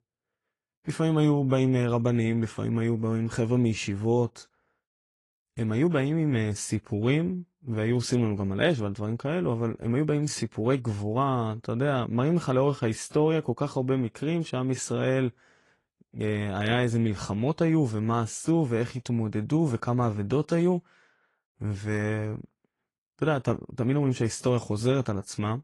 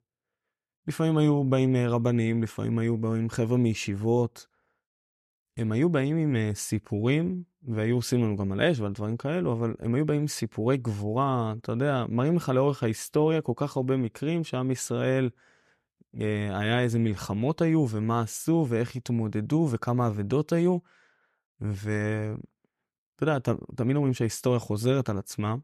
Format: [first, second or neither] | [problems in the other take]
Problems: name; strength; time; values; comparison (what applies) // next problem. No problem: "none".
second | garbled, watery; slightly; nothing above 10.5 kHz